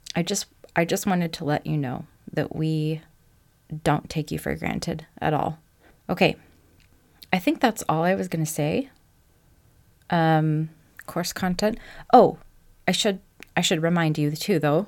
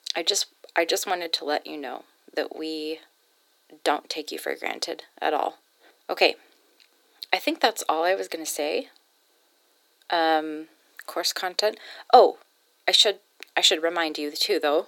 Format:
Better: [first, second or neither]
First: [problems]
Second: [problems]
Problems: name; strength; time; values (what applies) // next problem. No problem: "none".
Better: first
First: none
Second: thin; very; fading below 350 Hz